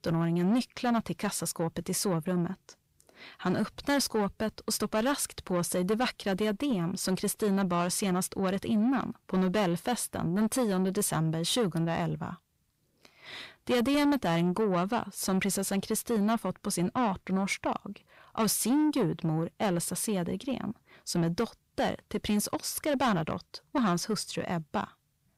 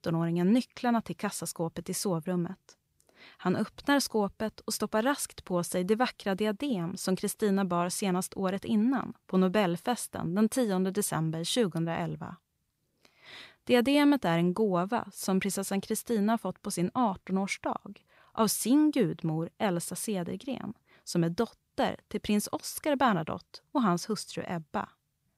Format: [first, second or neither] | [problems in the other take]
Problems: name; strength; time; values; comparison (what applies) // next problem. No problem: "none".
second | distortion; slight; 10 dB below the speech